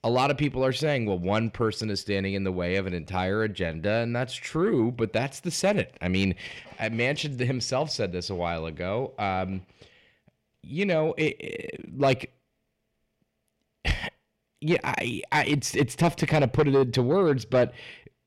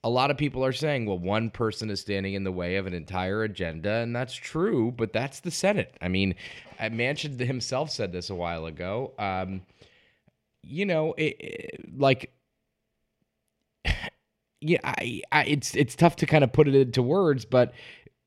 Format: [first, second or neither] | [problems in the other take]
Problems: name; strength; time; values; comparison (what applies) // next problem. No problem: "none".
second | distortion; slight; 10 dB below the speech